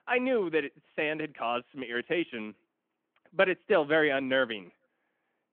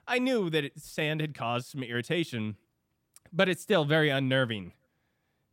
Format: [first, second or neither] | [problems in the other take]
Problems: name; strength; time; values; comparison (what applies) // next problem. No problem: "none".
second | phone-call audio